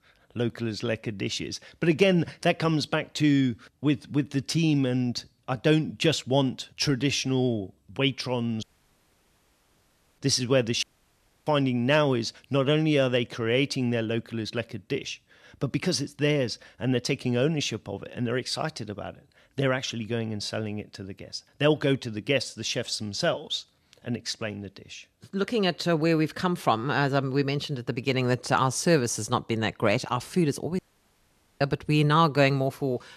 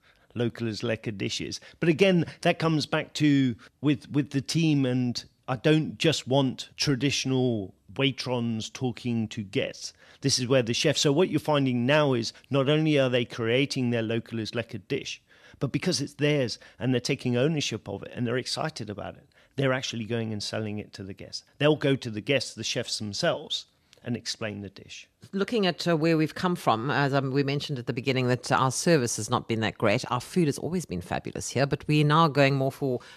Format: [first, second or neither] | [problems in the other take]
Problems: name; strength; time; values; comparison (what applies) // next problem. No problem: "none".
second | audio cutting out; at 8.5 s for 1.5 s, at 11 s for 0.5 s and at 31 s for 1 s